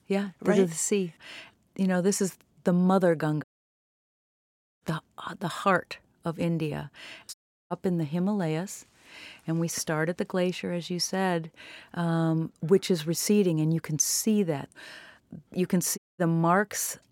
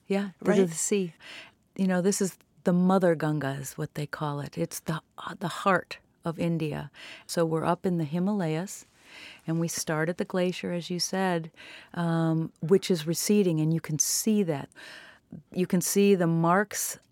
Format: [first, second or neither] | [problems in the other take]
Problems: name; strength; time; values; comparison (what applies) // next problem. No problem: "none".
second | audio cutting out; at 3.5 s for 1.5 s, at 7.5 s and at 16 s